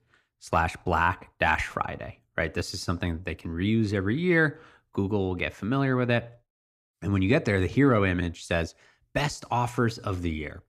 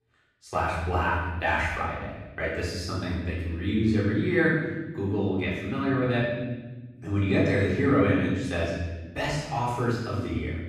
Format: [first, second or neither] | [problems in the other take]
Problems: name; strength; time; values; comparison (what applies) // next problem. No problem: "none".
first | off-mic speech; far // room echo; strong; dies away in 1.2 s